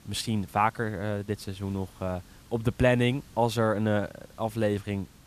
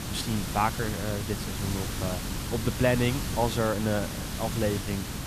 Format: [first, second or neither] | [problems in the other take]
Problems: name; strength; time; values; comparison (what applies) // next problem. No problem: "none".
first | hiss; loud; throughout; 3 dB below the speech; faint in the first